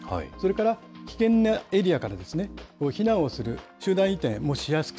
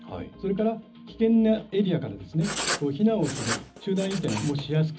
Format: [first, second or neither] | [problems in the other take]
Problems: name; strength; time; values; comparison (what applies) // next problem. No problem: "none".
first | background sound (Writing); 8 dB below the speech // room echo; dies away in 0.4 s